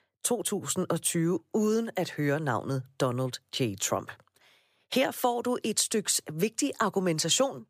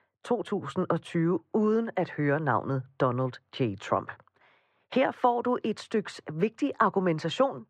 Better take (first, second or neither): first